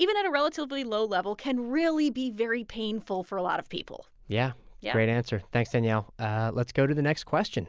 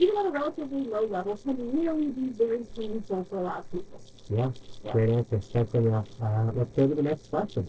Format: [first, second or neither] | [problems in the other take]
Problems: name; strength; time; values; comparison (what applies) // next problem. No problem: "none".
first | noise reduction (neural separator model SepFormer DNS4)